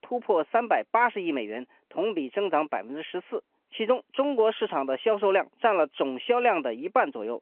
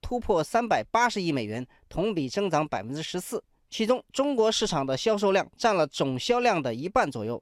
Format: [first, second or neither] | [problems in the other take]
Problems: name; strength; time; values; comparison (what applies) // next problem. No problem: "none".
second | phone-call audio